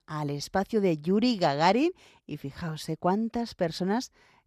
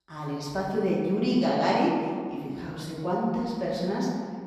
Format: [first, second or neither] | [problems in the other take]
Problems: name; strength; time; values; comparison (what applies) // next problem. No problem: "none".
first | room echo; noticeable; dies away in 1.7 s // off-mic speech; far